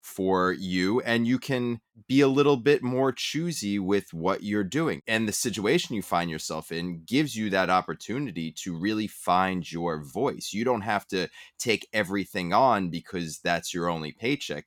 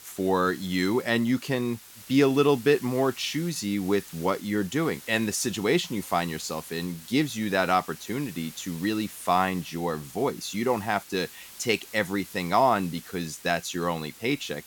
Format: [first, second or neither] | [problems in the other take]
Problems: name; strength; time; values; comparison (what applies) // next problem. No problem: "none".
first | hiss; noticeable; throughout; 15 dB below the speech